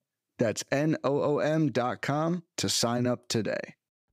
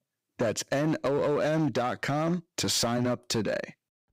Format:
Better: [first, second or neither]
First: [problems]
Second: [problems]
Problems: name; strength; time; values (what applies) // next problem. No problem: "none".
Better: first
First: none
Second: distortion; slight; 11% of the sound clipped